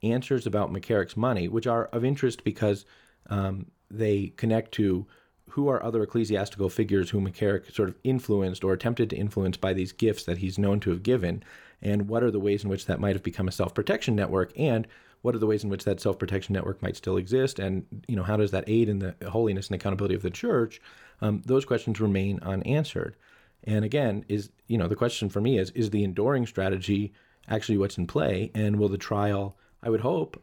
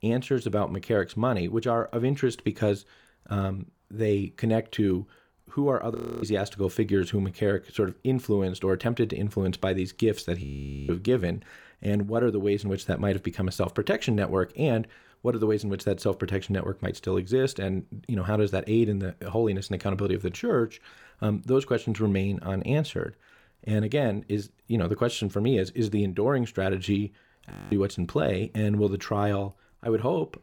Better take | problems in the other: first | audio freezing; at 6 s, at 10 s and at 28 s

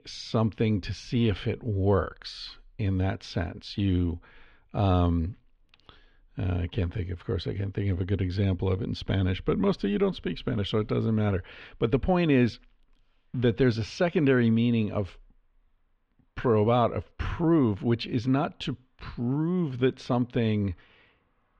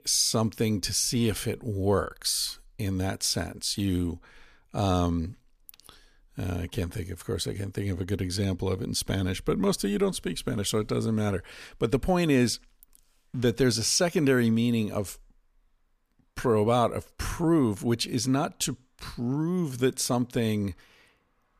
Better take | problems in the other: second | muffled; slightly; fading above 3.5 kHz

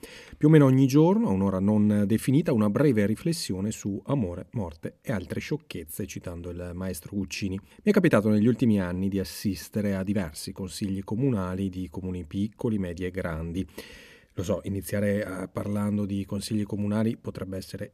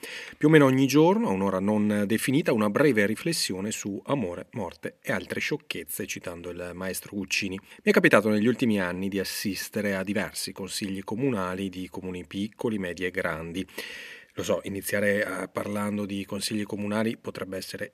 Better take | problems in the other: first | thin; very slightly; fading below 900 Hz

